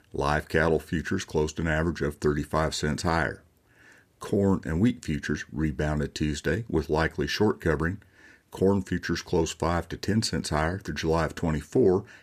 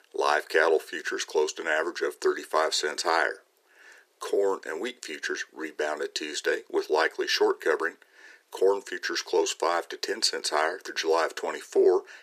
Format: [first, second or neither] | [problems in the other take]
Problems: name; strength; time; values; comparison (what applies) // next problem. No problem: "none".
first | thin; very; fading below 400 Hz